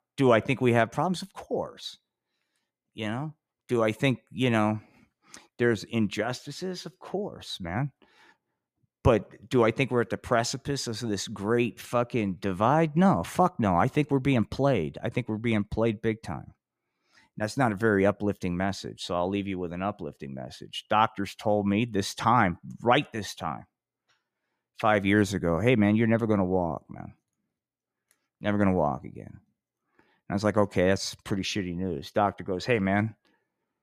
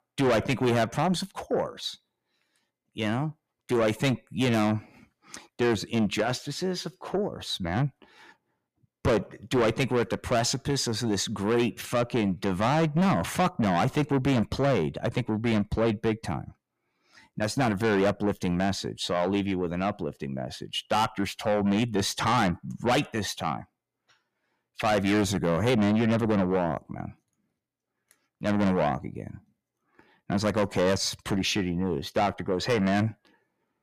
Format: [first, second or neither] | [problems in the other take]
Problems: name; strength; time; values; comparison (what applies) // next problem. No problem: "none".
first | distortion; heavy; 6 dB below the speech